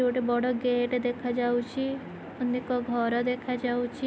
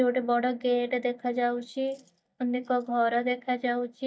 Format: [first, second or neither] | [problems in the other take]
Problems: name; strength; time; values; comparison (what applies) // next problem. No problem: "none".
first | noise reduction (neural mask model DeepFilterNet 3)